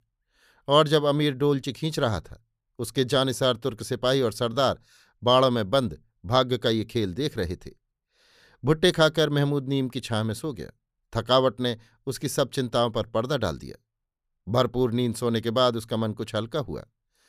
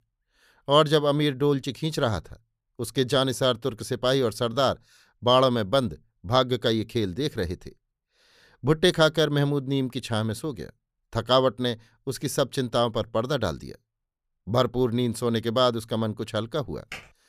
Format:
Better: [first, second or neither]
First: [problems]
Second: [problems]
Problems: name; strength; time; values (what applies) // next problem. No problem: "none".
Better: first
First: none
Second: keyboard typing; faint; at 17 s; peak 15 dB below the speech